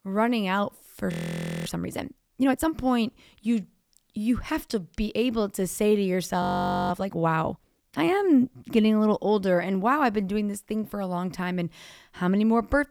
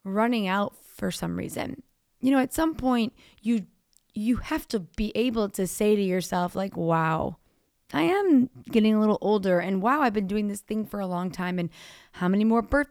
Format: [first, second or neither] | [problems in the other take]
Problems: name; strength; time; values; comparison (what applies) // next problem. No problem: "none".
second | audio freezing; at 1 s for 0.5 s and at 6.5 s